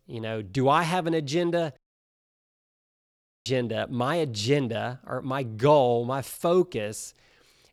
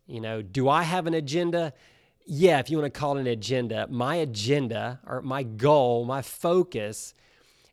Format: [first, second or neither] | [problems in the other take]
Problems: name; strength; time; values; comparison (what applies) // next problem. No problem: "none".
second | audio cutting out; at 2 s for 1.5 s